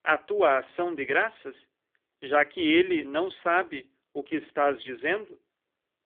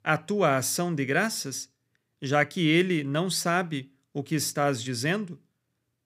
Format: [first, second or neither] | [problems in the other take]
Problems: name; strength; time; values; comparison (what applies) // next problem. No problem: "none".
second | phone-call audio; poor line; nothing above 3.5 kHz